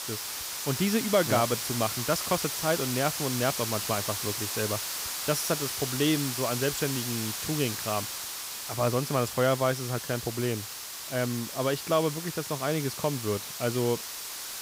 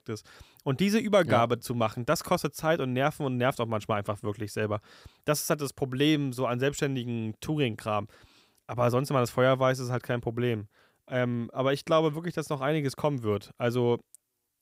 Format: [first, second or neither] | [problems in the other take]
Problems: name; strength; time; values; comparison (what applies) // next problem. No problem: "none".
second | hiss; loud; throughout; 3 dB below the speech